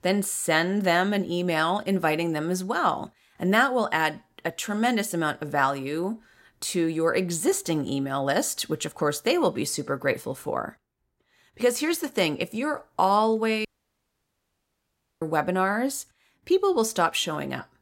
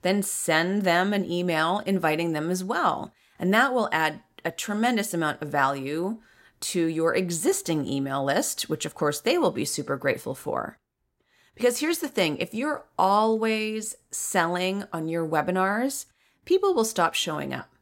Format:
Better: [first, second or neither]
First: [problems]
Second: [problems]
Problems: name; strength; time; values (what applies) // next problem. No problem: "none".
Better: second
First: audio cutting out; at 14 s for 1.5 s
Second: none